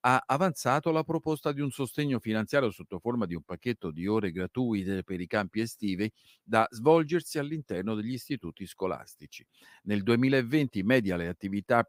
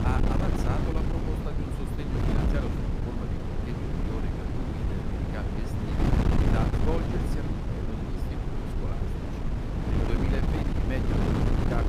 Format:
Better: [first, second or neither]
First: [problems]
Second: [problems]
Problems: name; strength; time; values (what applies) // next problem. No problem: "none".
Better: first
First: none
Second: wind noise on the microphone; heavy; 5 dB above the speech